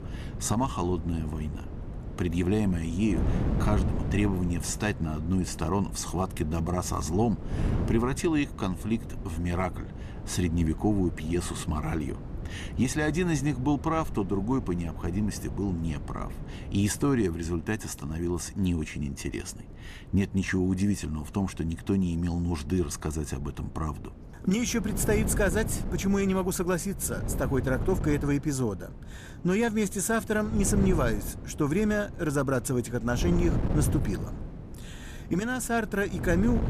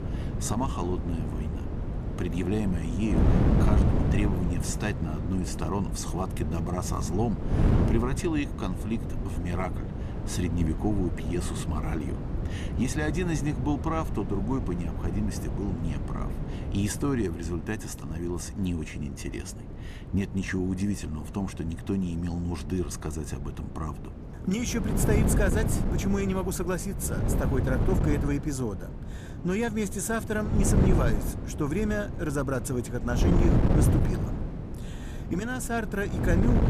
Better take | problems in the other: first | wind noise on the microphone; heavy; 4 dB below the speech; occasional gusts in the first

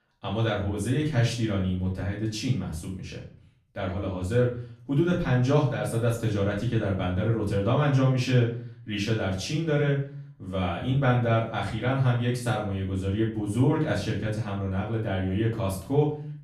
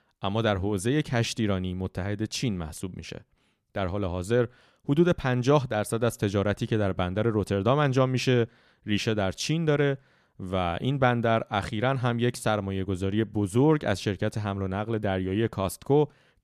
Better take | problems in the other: second | off-mic speech; far // room echo; noticeable; dies away in 0.4 s

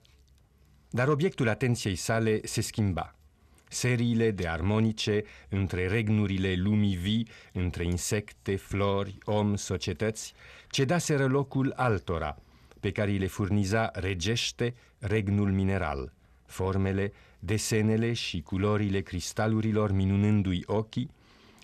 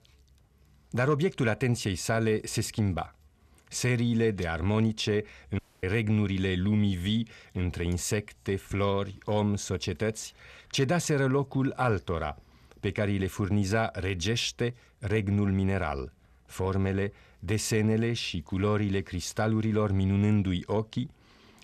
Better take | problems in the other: first | audio cutting out; at 5.5 s

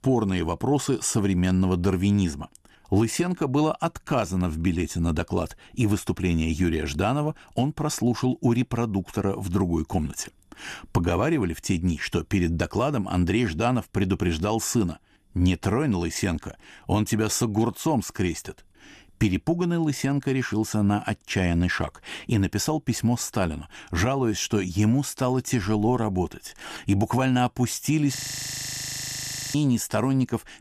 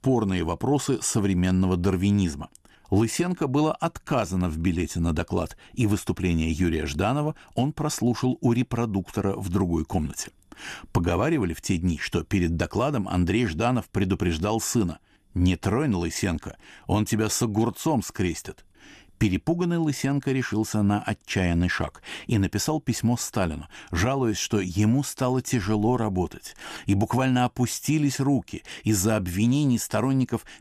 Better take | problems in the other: second | audio freezing; at 28 s for 1.5 s

